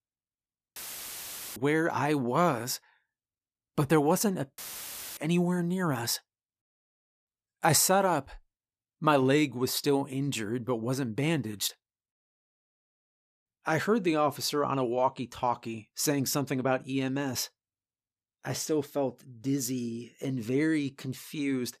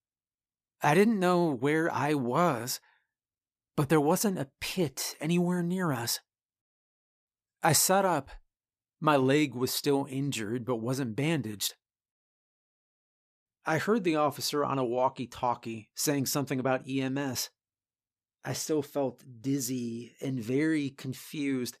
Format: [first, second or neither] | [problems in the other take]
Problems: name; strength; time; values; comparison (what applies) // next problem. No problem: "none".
second | audio cutting out; filled with static; at 1 s for 1 s and at 4.5 s for 0.5 s